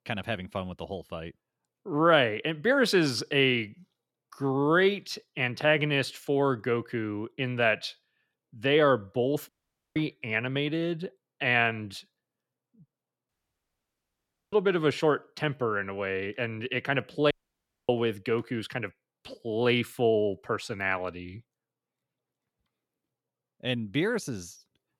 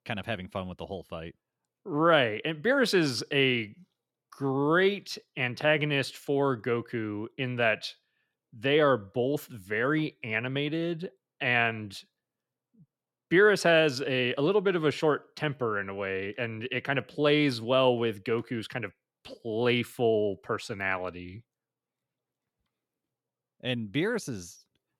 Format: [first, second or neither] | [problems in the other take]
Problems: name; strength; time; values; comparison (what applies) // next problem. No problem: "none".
second | audio cutting out; at 9.5 s, at 13 s for 1 s and at 17 s for 0.5 s